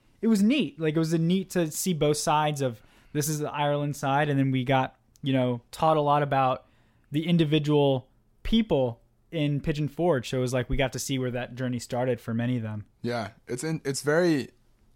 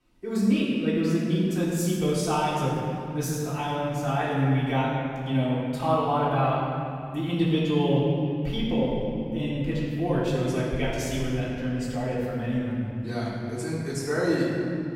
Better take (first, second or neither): first